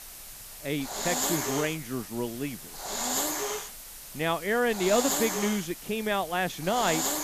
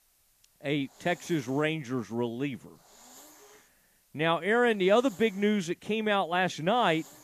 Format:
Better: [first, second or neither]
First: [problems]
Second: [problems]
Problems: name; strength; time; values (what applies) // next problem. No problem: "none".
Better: second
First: hiss; loud; throughout; 3 dB below the speech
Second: hiss; faint; throughout; 25 dB below the speech